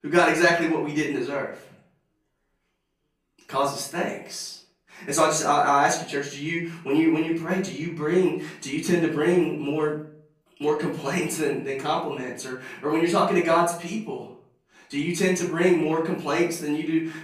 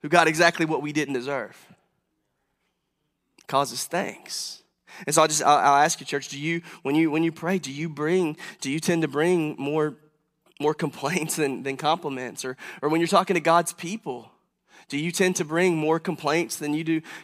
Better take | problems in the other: second | off-mic speech; far // room echo; slight; dies away in 0.4 s

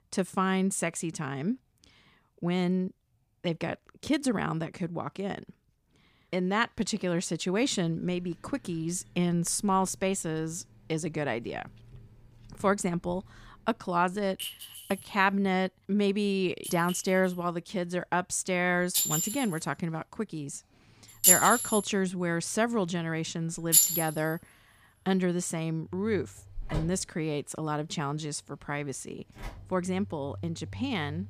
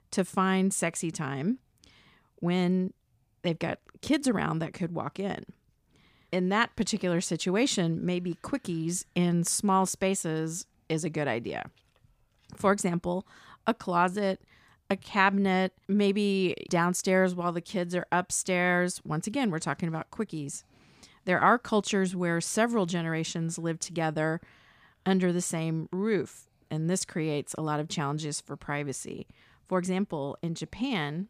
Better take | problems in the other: second | household noises; very loud; from 7.5 s on; 3 dB above the speech

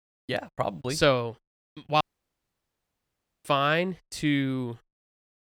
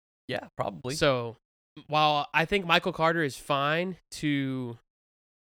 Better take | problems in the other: second | audio cutting out; at 2 s for 1.5 s

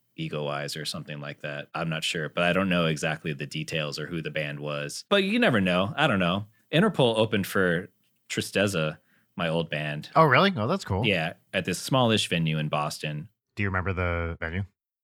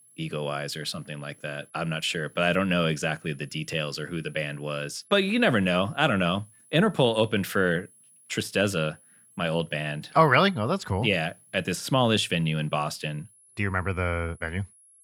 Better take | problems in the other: first | high-pitched whine; faint; throughout; 10.5 kHz, 30 dB below the speech

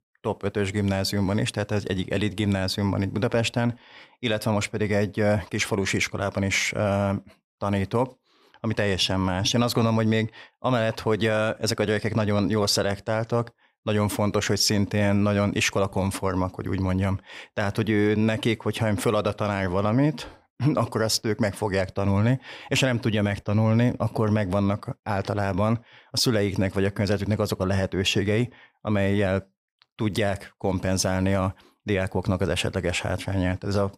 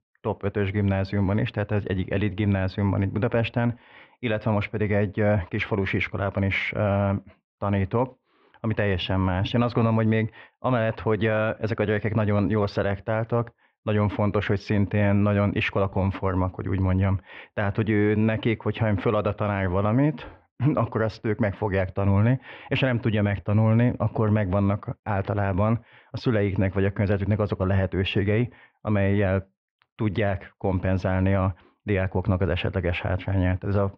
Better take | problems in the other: first | muffled; very; fading above 3 kHz

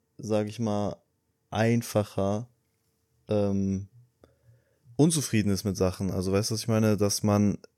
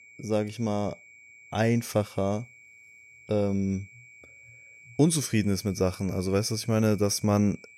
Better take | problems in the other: first | high-pitched whine; faint; throughout; 2.5 kHz, 25 dB below the speech

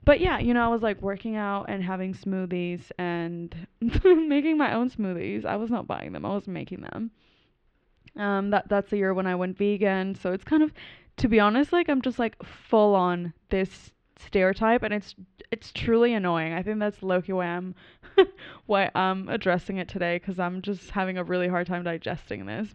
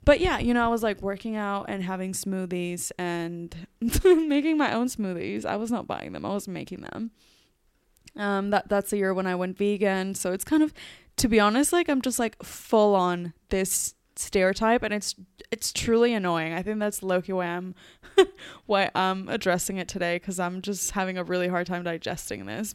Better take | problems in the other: second | muffled; very; fading above 3.5 kHz

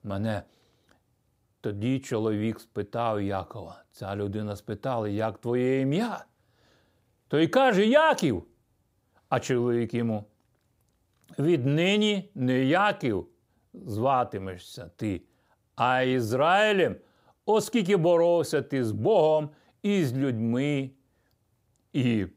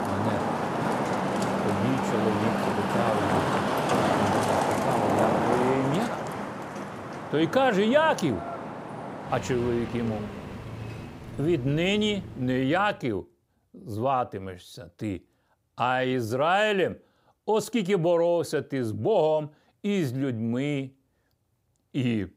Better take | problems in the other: first | traffic noise; loud; until 13 s; 1 dB below the speech

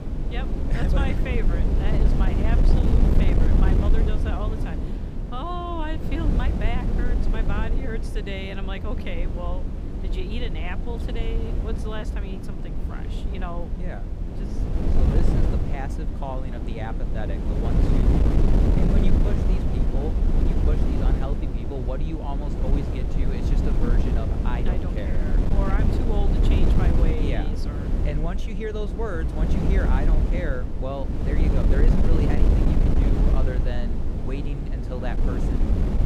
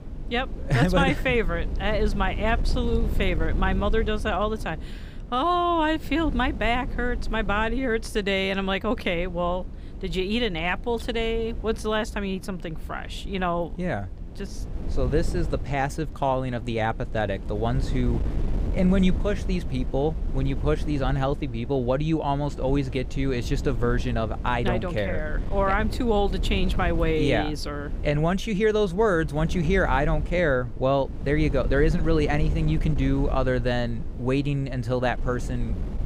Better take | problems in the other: second | wind noise on the microphone; heavy; as loud as the speech; occasional gusts in the second

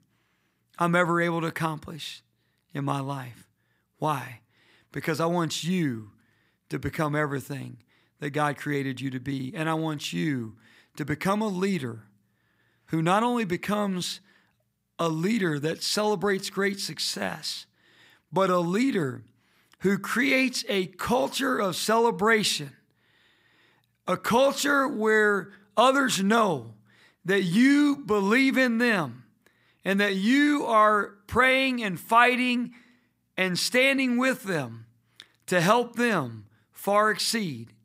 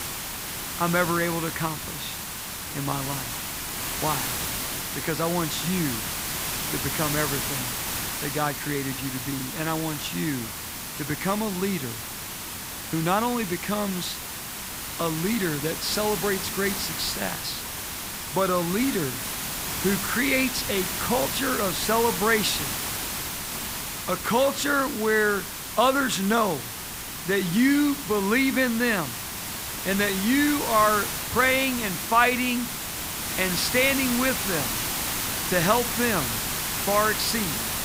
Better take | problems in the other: first | hiss; loud; throughout; 3 dB below the speech

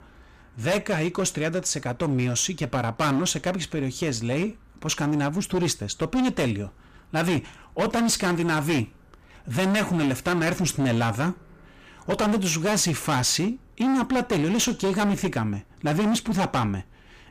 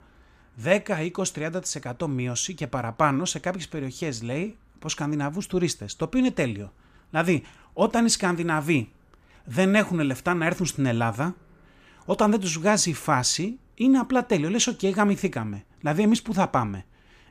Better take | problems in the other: second | distortion; heavy; 18% of the sound clipped

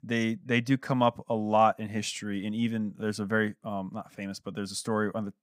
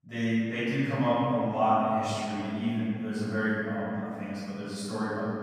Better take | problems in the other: first | off-mic speech; far // room echo; strong; dies away in 2.5 s

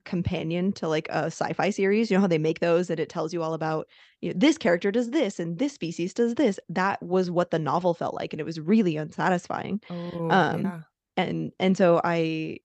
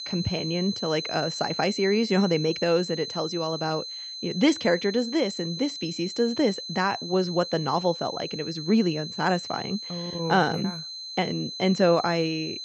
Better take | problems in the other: first | high-pitched whine; loud; throughout; 4 kHz, 8 dB below the speech

